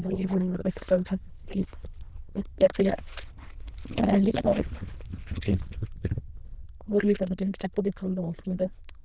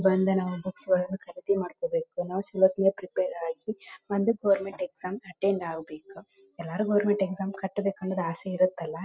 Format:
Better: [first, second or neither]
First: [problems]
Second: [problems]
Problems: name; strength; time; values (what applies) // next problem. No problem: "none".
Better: second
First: noise reduction (neural diffusion model UNIVERSE++)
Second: none